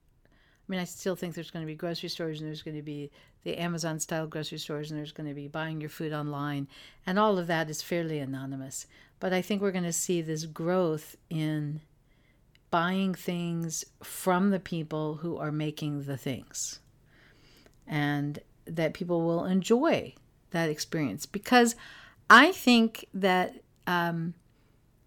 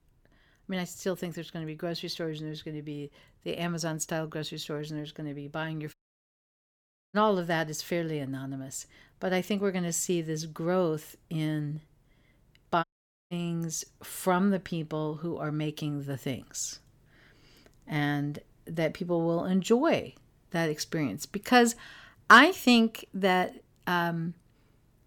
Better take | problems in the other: first | audio cutting out; at 6 s for 1 s and at 13 s

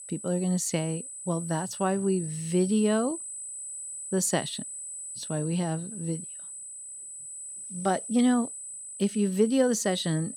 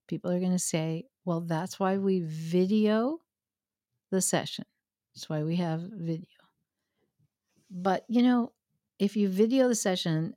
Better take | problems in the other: second | high-pitched whine; loud; throughout; 8 kHz, 9 dB below the speech

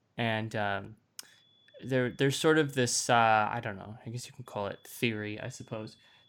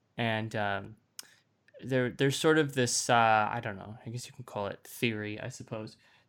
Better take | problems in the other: second | high-pitched whine; faint; from 1.5 to 3.5 s and from 4.5 s on; 3.5 kHz, 35 dB below the speech

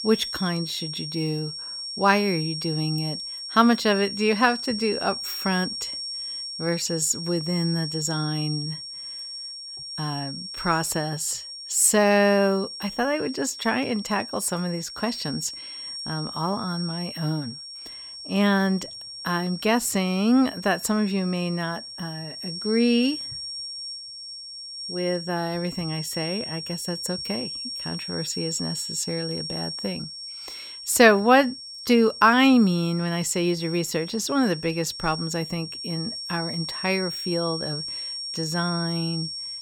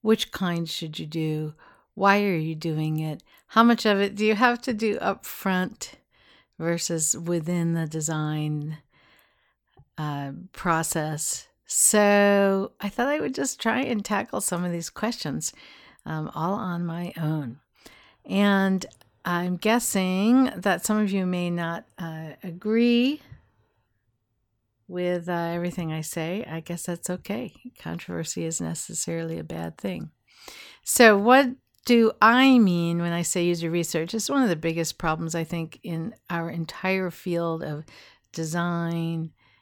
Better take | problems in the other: second | high-pitched whine; loud; throughout; 5.5 kHz, 8 dB below the speech

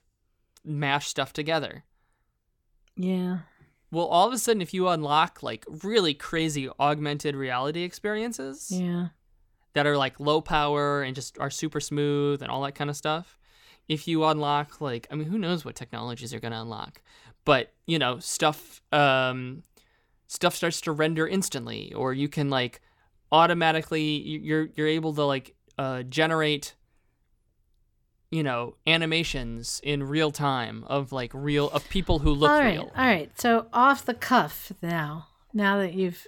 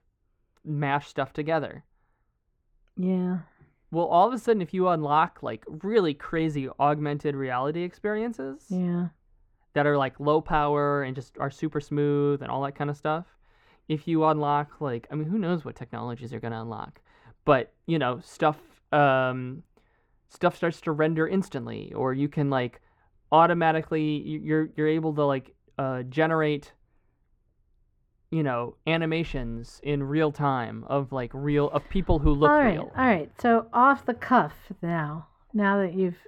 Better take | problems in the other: first | muffled; very; fading above 3 kHz

